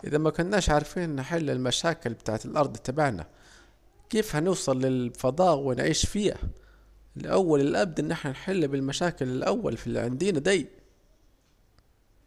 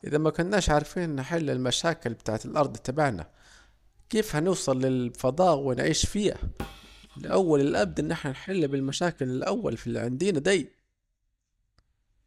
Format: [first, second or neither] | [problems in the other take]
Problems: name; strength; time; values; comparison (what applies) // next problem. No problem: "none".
first | noise reduction (neural mask model DeepFilterNet 3)